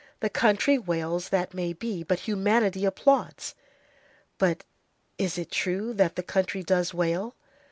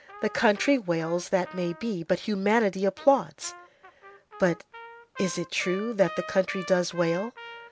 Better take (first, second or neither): first